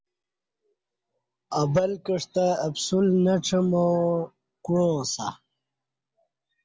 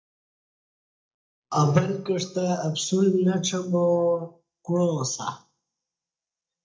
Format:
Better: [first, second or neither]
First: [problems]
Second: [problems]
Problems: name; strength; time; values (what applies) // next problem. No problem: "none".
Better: first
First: none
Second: noise reduction (neural mask model DeepFilterNet 3)